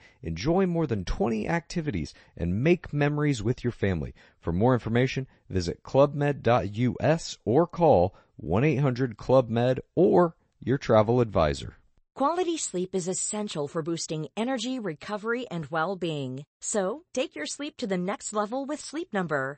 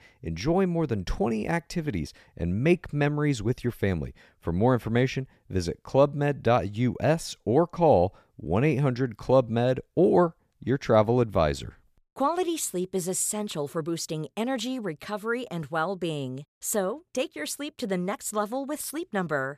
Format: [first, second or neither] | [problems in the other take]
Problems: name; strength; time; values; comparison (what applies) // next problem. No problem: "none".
second | garbled, watery; slightly; nothing above 8 kHz